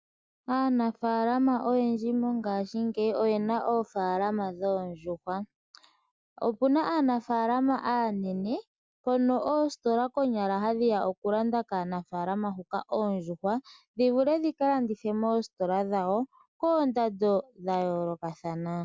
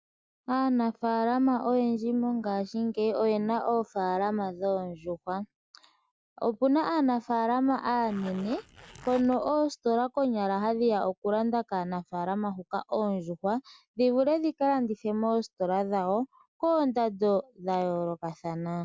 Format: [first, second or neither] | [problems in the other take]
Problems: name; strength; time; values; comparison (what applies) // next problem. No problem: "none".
first | background sound (Zipper (clothing)); 19 dB below the speech